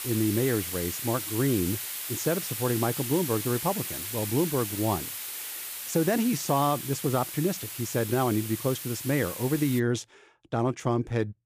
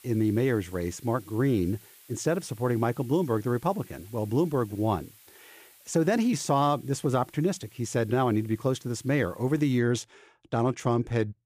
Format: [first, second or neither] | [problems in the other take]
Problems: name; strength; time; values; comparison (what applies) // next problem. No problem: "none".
second | hiss; loud; until 10 s; 5 dB below the speech; faint in the second